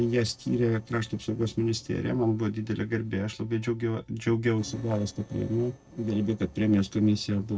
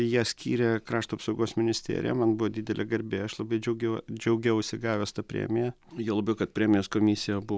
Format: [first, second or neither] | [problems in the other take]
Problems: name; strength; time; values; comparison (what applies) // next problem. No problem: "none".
second | noise reduction (neural separator model SepFormer DNS4)